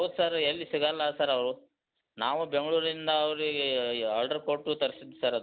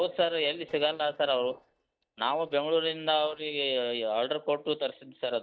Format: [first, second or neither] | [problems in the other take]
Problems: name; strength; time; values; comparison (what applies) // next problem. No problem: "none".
first | noise reduction (neural mask model DeepFilterNet 3)